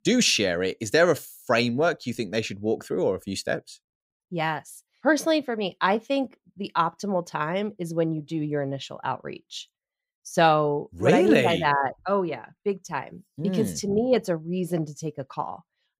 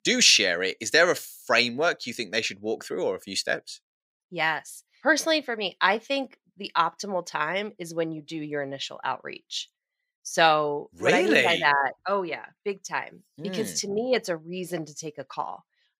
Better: first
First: none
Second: thin; very slightly; fading below 850 Hz

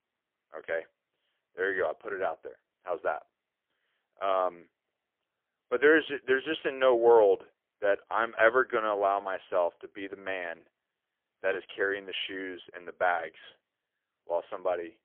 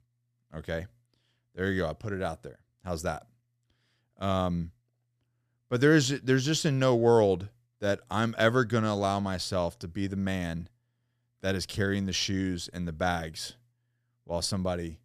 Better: second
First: phone-call audio; poor line; nothing above 3.5 kHz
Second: none

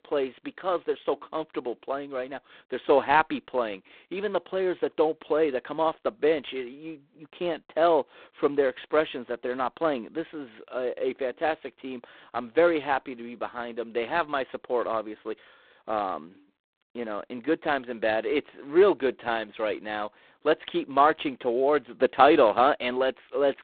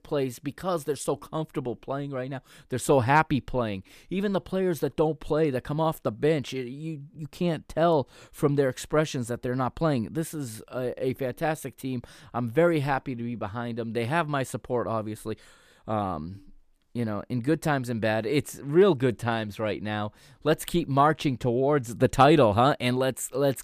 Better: second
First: phone-call audio; poor line; nothing above 4 kHz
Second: none

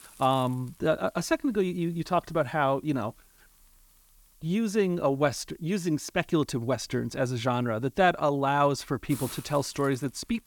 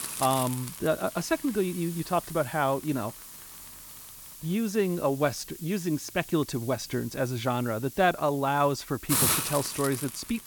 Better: first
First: hiss; faint; throughout; 25 dB below the speech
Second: hiss; loud; throughout; 6 dB below the speech

